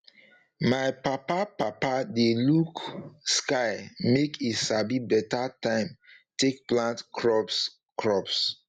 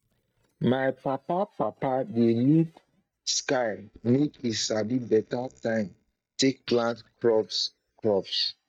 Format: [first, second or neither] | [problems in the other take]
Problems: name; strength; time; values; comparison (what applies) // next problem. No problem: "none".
first | noise reduction (neural mask model DeepFilterNet 3)